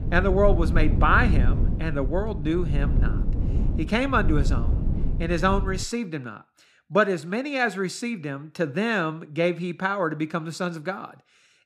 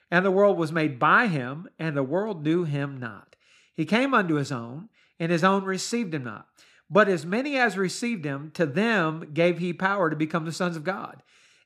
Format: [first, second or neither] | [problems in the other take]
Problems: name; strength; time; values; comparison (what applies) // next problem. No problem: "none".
second | low rumble; noticeable; until 6 s; 15 dB below the speech